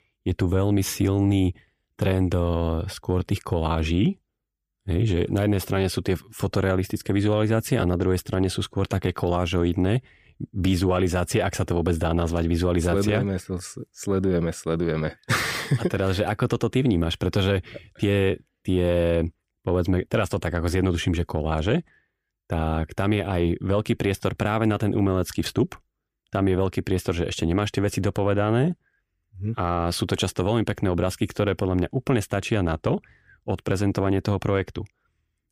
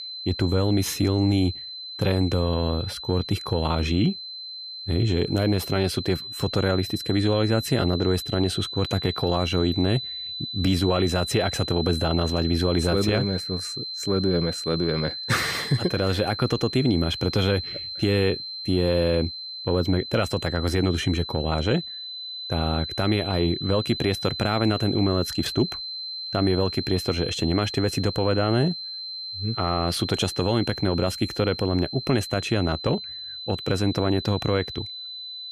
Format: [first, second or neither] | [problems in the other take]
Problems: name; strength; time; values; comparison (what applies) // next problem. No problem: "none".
first | high-pitched whine; loud; throughout; 4 kHz, 7 dB below the speech